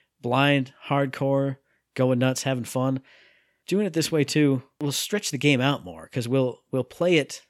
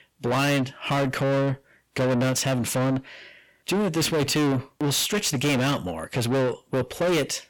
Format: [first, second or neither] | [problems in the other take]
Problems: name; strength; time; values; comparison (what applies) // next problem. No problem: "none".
first | distortion; heavy; 6 dB below the speech